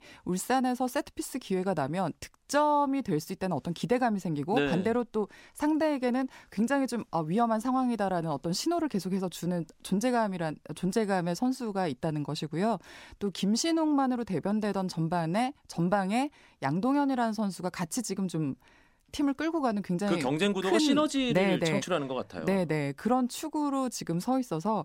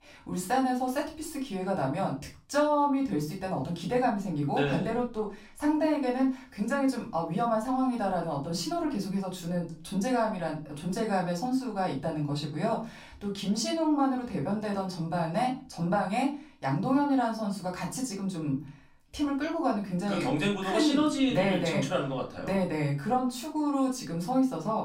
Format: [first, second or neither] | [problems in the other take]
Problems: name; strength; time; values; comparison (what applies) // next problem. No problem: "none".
first | off-mic speech; far // room echo; slight; dies away in 0.3 s